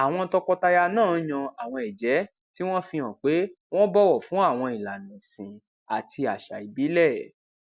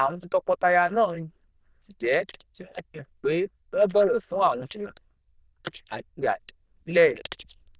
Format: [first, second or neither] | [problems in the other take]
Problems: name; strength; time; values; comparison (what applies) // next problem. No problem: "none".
first | noise reduction (neural diffusion model UNIVERSE++)